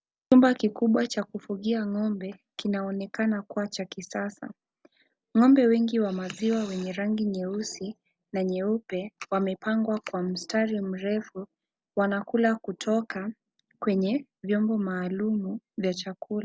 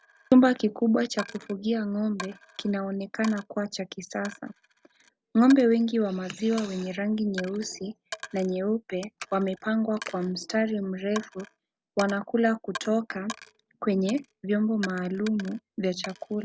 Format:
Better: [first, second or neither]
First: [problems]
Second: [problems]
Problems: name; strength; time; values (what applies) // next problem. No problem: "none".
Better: first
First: none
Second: background sound (Coin (dropping)); 18 dB below the speech